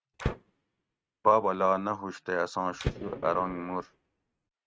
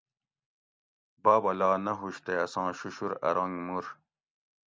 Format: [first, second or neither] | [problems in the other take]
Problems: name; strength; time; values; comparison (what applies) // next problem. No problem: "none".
second | noise reduction (neural mask model RNNoise)